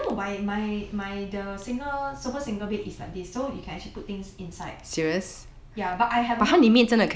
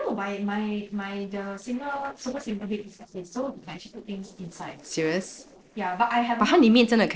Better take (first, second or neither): first